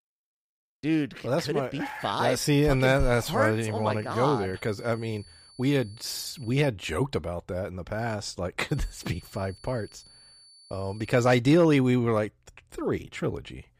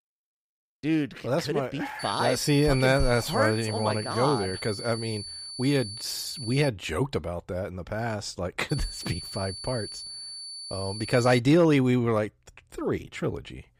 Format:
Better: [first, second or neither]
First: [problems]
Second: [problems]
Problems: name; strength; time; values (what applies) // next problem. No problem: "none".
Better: first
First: high-pitched whine; faint; from 2 to 6.5 s and from 8.5 to 11 s; 4.5 kHz, 25 dB below the speech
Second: high-pitched whine; loud; from 2 to 6.5 s and from 8.5 to 11 s; 4.5 kHz, 10 dB below the speech